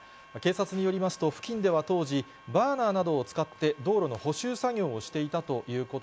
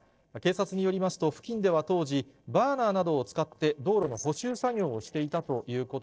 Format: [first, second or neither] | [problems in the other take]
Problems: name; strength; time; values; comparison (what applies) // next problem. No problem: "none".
first | noise reduction (neural separator model SepFormer DNS4)